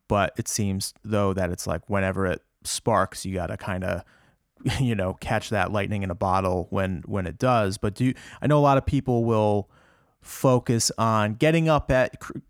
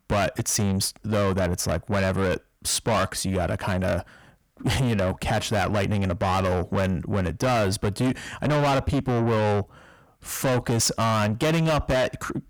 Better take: first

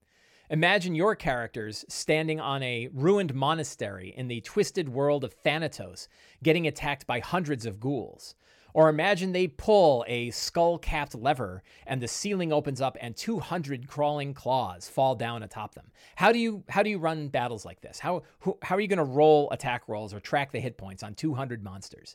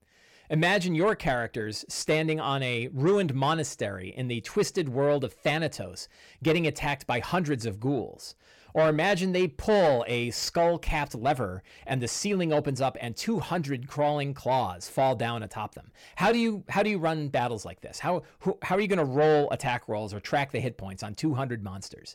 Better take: first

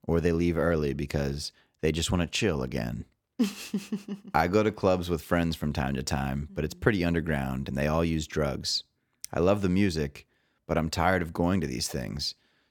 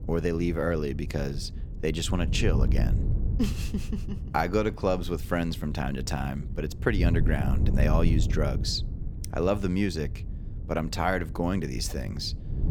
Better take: first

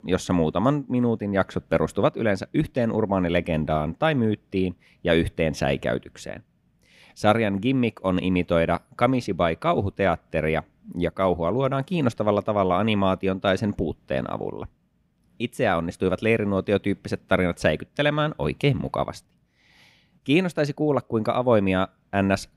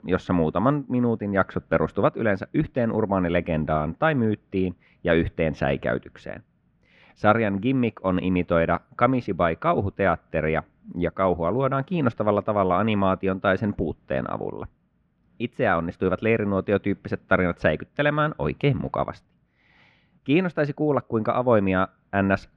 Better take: first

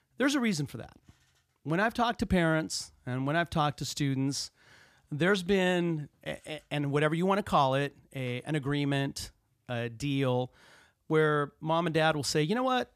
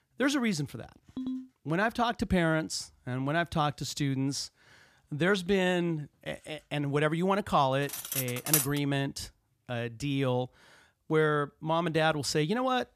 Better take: first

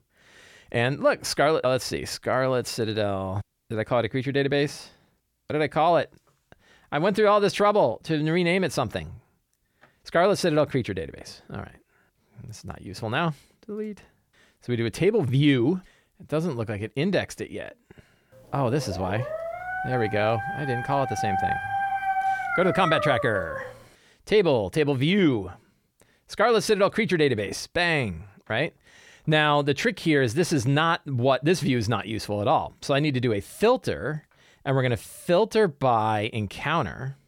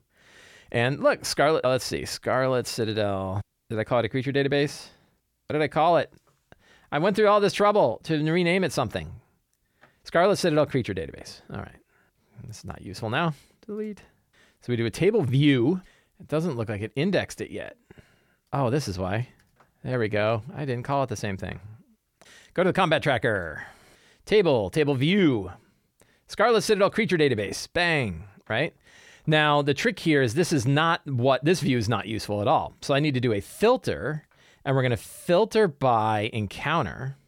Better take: second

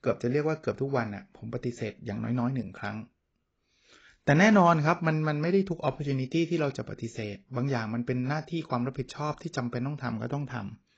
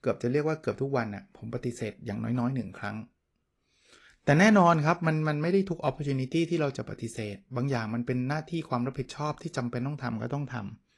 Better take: second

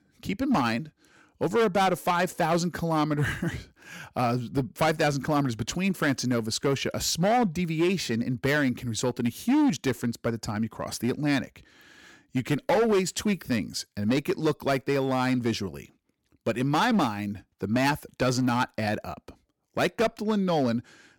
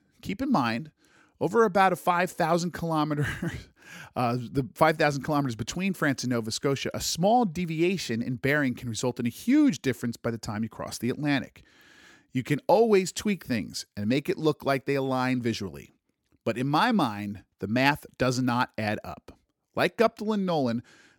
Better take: second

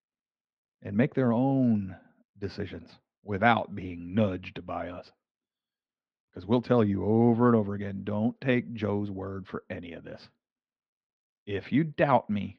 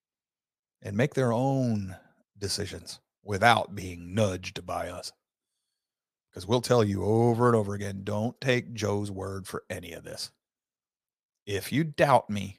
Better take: second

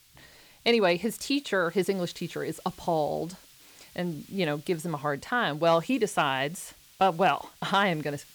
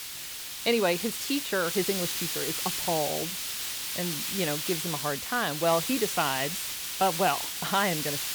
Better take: first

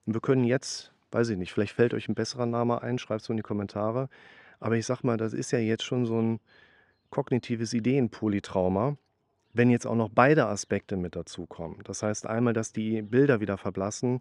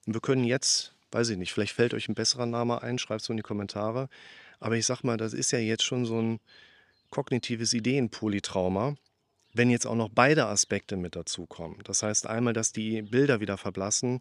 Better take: second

